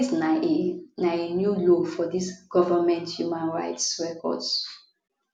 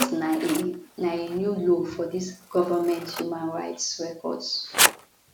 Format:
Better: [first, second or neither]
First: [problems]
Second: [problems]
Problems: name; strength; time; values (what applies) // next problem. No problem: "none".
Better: first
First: none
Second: background sound (Scissors); 4 dB below the speech